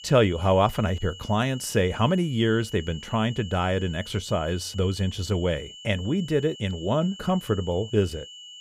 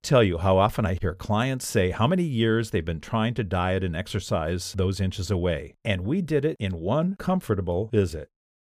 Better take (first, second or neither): second